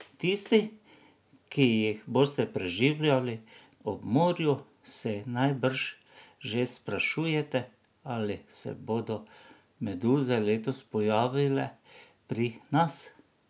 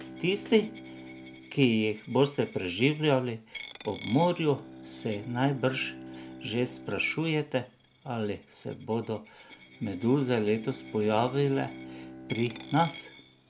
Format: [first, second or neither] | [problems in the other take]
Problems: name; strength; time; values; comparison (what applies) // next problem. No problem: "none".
first | background sound (Coin (dropping) + Bowed string instrument); 16 dB below the speech